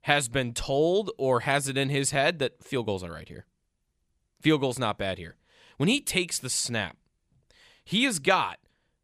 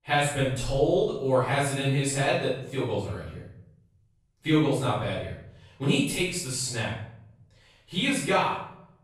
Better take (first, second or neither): first